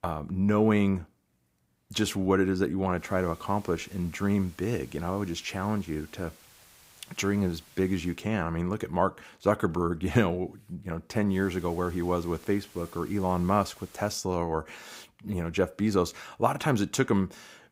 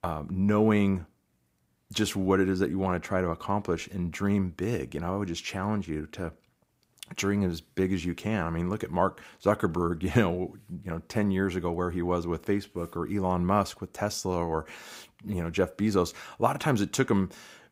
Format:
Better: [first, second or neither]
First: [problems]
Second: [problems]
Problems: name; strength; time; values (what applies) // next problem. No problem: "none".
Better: second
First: hiss; faint; from 3 to 8 s and from 11 to 14 s; 25 dB below the speech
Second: none